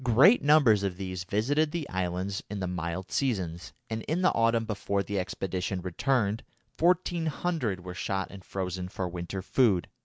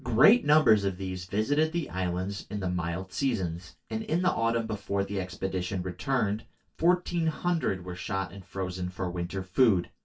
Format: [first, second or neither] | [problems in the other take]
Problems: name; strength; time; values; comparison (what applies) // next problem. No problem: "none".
first | room echo; dies away in 0.2 s